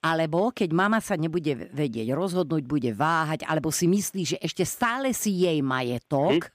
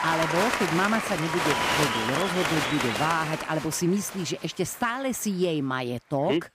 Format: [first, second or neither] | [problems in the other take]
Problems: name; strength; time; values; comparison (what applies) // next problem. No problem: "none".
first | crowd noise; very loud; throughout; 1 dB above the speech